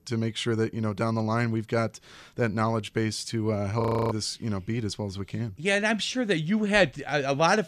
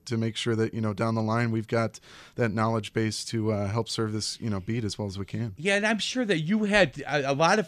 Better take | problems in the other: second | audio freezing; at 4 s

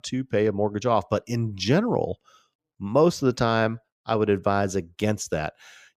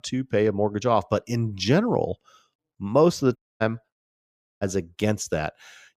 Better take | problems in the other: first | audio cutting out; at 3.5 s and at 4 s for 0.5 s

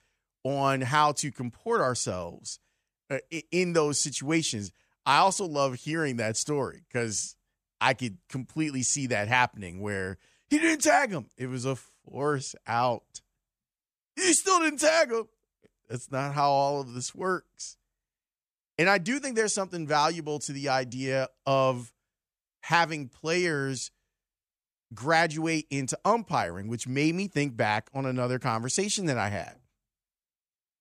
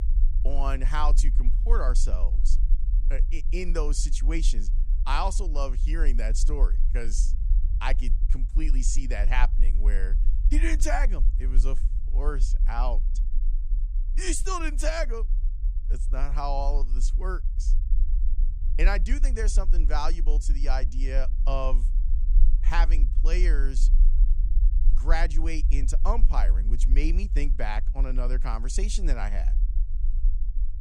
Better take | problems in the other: first | low rumble; noticeable; throughout; 20 dB below the speech

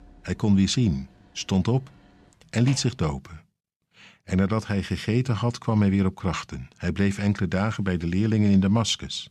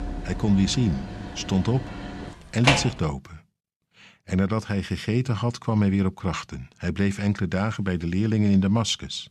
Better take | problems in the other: first | household noises; loud; until 3 s; 4 dB below the speech; faint in the first

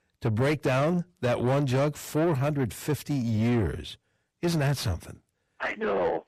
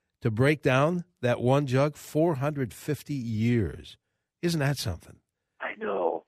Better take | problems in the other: second | distortion; heavy; 8 dB below the speech

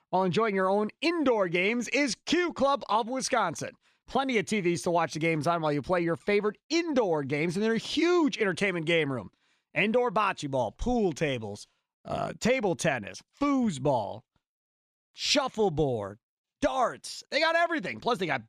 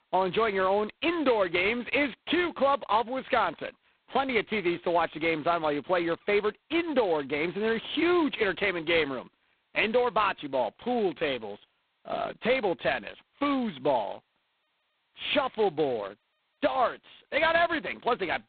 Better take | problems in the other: first | phone-call audio; poor line; nothing above 4 kHz

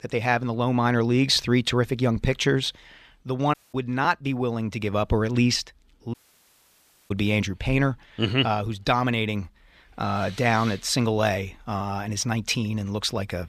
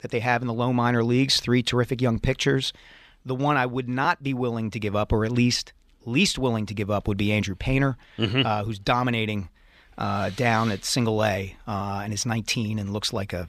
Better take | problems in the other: second | audio cutting out; at 3.5 s and at 6 s for 1 s

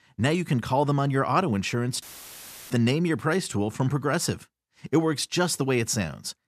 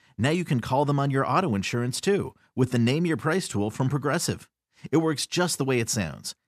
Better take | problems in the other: second | audio cutting out; filled with static; at 2 s for 0.5 s

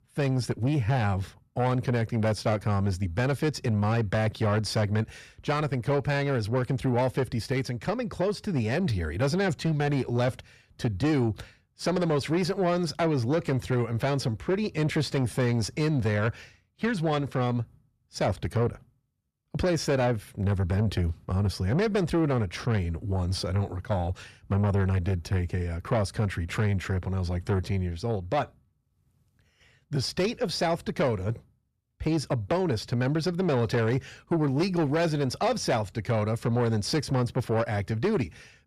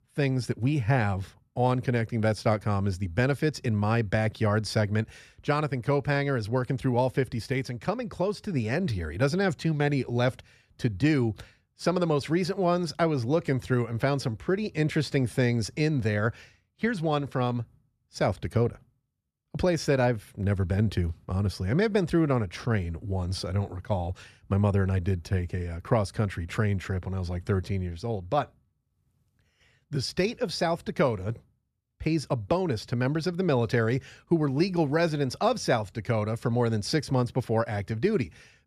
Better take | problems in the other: second | distortion; slight; 10 dB below the speech

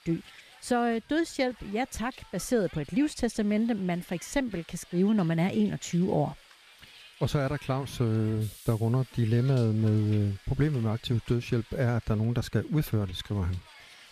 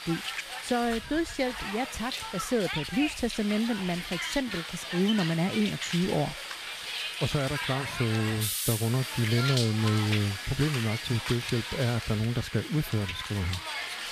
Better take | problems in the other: first | hiss; loud; throughout; 4 dB below the speech; faint in the first

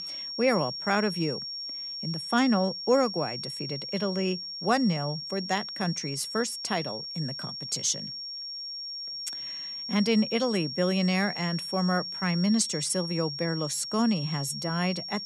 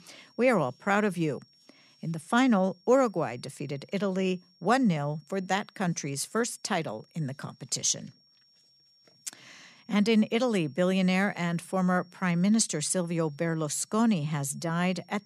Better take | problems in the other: second | high-pitched whine; loud; throughout; 5.5 kHz, 6 dB below the speech; faint in the second

